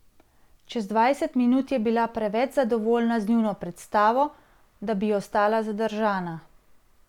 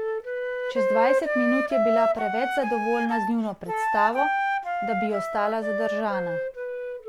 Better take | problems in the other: first | background sound (Wind instrument, woodwind instrument); 2 dB above the speech

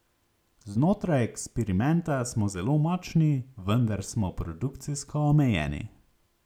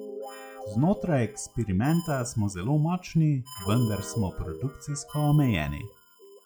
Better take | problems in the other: first | noise reduction (classical method log-MMSE)

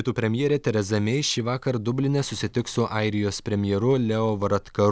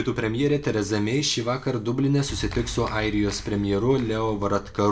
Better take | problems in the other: first | background sound (Clapping); 15 dB below the speech // room echo; dies away in 0.4 s

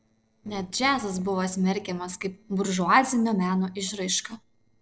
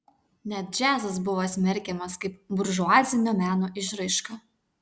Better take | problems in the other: second | noise reduction (neural separator model SepFormer DNS4)

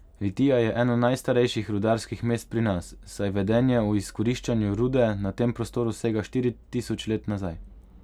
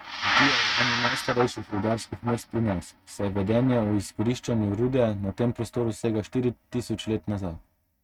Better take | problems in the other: first | noise reduction (neural mask model RNNoise)

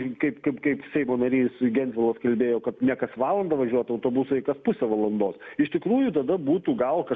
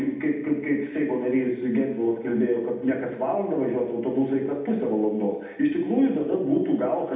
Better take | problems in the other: first | room echo; dies away in 0.8 s

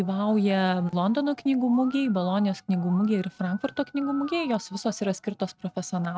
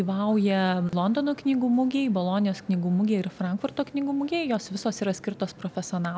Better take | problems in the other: second | noise reduction (neural mask model RNNoise)

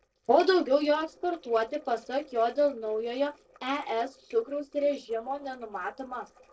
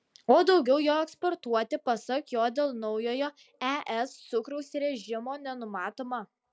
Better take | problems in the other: second | noise reduction (neural separator model SepFormer DNS4)

